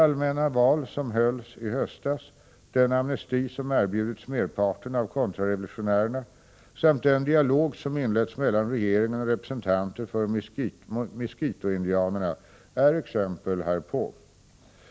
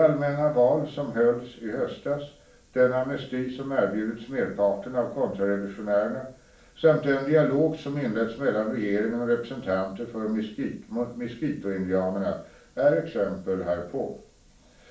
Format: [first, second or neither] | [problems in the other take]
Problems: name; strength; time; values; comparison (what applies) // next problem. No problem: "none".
first | room echo; dies away in 0.4 s